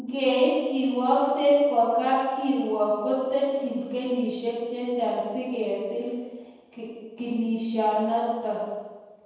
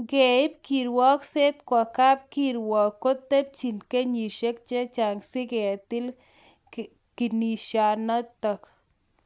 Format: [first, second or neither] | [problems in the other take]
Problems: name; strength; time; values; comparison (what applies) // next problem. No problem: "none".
second | room echo; dies away in 1.2 s